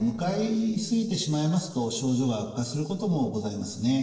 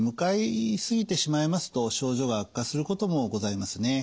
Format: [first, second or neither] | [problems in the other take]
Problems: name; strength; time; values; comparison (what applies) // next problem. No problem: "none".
second | noise reduction (neural separator model SepFormer DNS4)